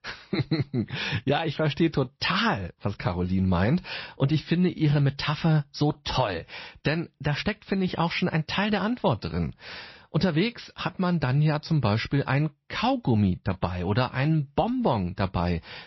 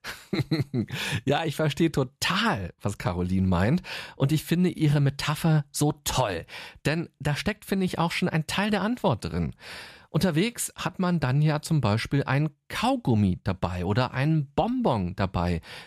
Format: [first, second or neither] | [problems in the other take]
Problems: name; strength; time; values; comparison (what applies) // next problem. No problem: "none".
second | garbled, watery; slightly; nothing above 5.5 kHz